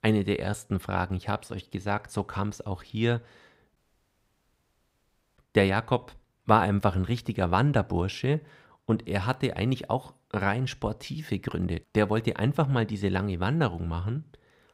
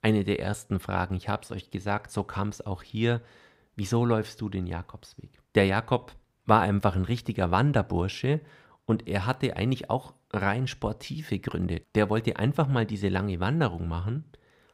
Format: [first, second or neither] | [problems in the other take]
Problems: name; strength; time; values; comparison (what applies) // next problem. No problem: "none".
second | audio cutting out; at 4 s for 1.5 s